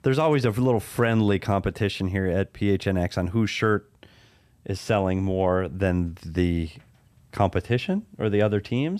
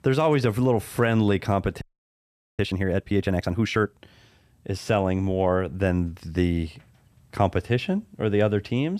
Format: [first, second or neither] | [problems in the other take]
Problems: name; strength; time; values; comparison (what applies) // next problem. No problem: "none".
first | audio freezing; at 2 s for 1 s